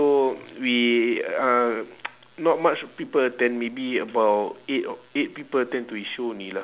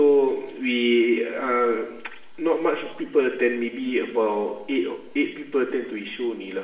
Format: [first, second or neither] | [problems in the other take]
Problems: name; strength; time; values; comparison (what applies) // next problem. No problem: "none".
first | room echo; dies away in 0.8 s